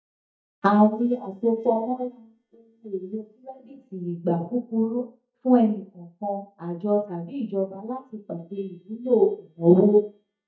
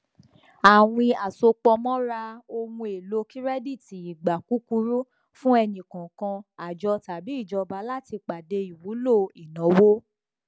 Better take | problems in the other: second | noise reduction (neural mask model DeepFilterNet 3)

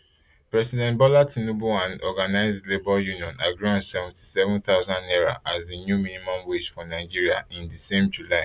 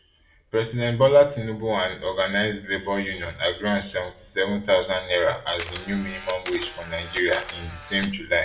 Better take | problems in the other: first | background sound (Camera); 14 dB below the speech // room echo; dies away in 0.4 s

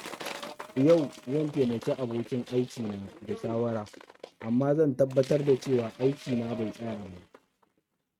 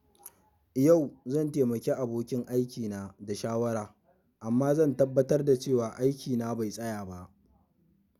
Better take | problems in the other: second | noise reduction (neural mask model RNNoise)

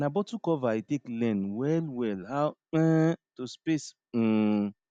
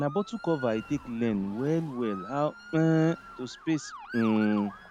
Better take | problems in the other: first | background sound (Motor vehicle (road) / Siren); 15 dB below the speech

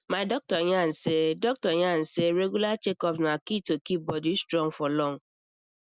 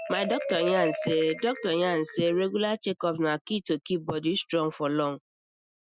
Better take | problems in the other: first | noise reduction (classical method Wiener filter)

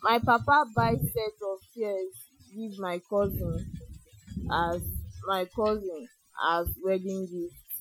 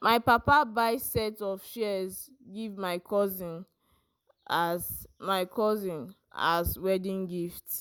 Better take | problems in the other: second | noise reduction (classical method Wiener filter)

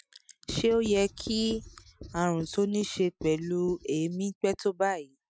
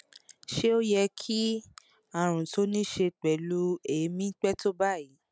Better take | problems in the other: second | noise reduction (classical method Wiener filter)

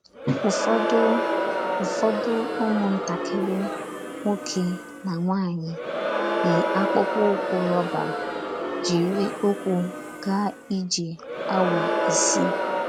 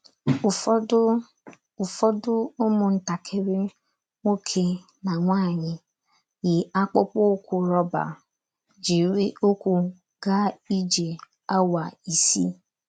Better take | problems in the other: second | background sound (Crowd); 1 dB below the speech

